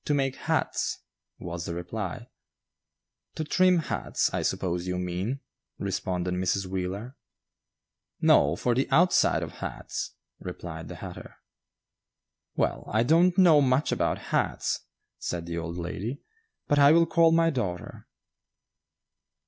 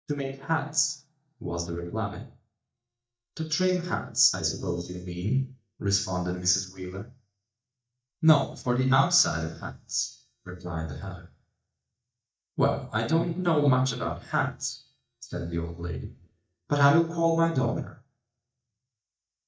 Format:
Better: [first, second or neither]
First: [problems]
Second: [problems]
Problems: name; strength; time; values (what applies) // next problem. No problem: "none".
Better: first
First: none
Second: noise reduction (neural mask model DeepFilterNet 3)